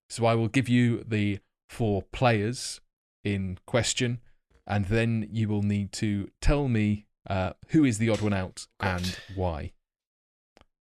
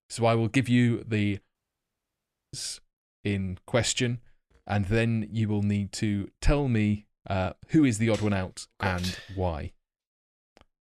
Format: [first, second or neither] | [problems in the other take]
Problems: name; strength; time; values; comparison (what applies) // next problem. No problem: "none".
first | audio cutting out; at 1.5 s for 1 s